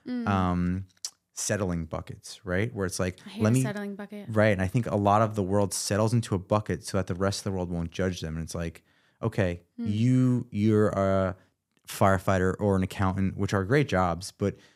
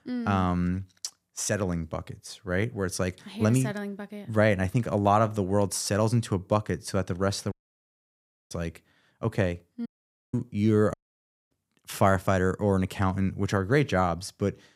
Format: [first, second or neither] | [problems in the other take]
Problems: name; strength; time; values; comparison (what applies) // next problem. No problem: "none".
first | audio cutting out; at 7.5 s for 1 s, at 10 s and at 11 s for 0.5 s